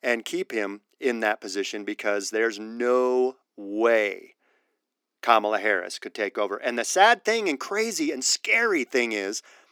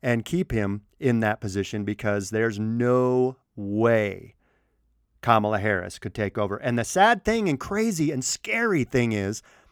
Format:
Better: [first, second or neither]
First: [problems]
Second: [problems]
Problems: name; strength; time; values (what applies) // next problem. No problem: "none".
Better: second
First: thin; somewhat; fading below 300 Hz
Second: none